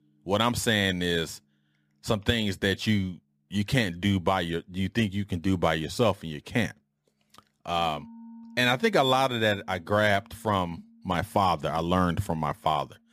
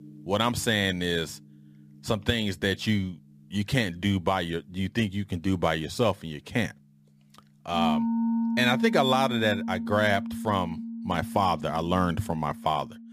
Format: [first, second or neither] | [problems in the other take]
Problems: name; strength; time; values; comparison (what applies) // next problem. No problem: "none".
first | background music; loud; throughout; 5 dB below the speech; faint in the first